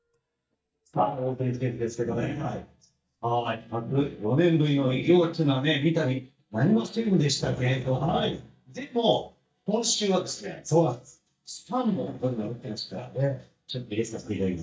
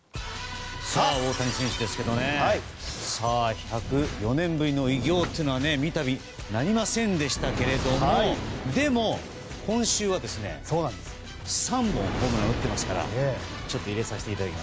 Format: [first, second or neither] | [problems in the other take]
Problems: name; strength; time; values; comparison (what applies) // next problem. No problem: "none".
second | noise reduction (neural mask model DeepFilterNet 3)